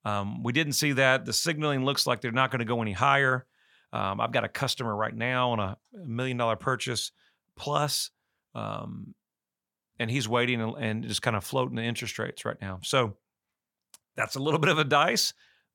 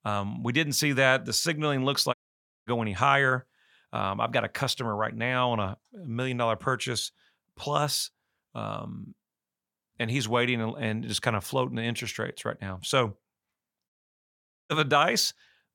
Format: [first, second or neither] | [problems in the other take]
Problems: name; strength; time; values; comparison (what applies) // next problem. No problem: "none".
first | audio cutting out; at 2 s for 0.5 s and at 14 s for 1 s